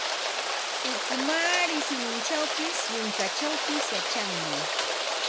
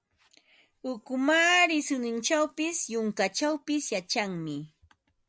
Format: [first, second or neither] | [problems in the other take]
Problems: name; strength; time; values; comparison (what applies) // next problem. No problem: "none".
second | background sound (Rain); 4 dB above the speech